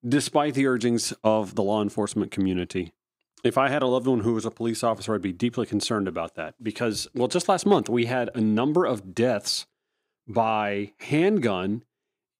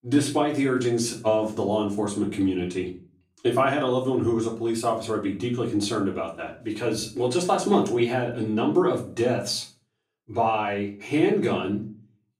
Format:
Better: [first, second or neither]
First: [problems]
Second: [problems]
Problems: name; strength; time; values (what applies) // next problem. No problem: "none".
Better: first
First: none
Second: off-mic speech; far // room echo; slight; dies away in 0.3 s